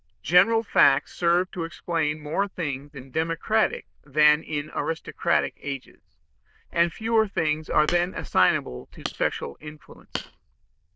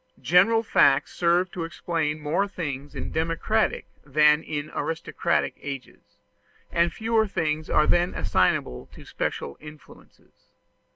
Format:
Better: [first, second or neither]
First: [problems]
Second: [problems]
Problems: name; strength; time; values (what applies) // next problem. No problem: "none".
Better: second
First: noise reduction (neural diffusion model UNIVERSE++)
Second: none